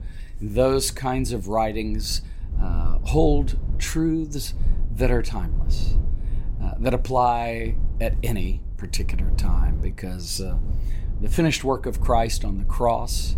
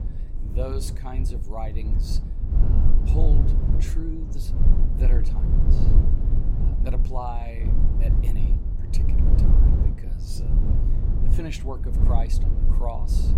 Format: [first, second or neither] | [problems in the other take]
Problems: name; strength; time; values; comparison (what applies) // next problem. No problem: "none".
first | low rumble; loud; throughout; 2 dB below the speech; faint in the first